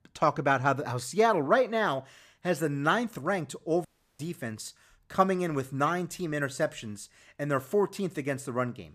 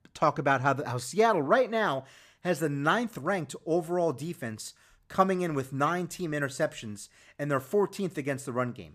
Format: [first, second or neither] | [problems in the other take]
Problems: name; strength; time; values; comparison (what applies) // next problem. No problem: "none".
second | audio cutting out; at 4 s